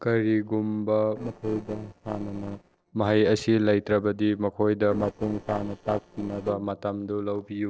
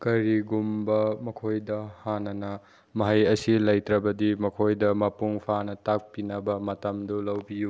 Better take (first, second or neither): second